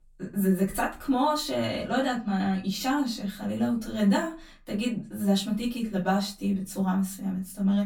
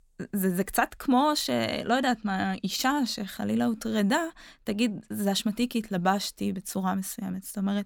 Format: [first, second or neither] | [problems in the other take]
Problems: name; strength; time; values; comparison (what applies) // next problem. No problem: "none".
second | off-mic speech; far // room echo; very slight; dies away in 0.3 s